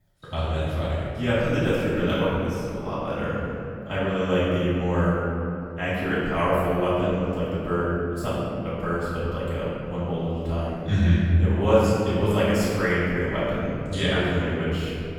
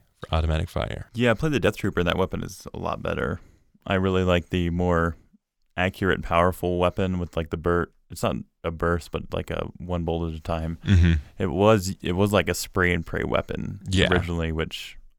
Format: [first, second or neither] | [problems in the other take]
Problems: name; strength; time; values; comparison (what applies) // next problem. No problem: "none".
second | room echo; strong; dies away in 2.6 s // off-mic speech; far